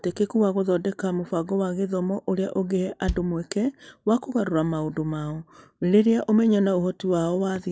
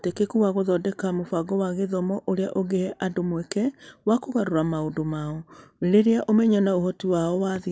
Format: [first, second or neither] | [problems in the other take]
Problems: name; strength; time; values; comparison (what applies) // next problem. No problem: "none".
second | noise reduction (neural mask model DeepFilterNet 3)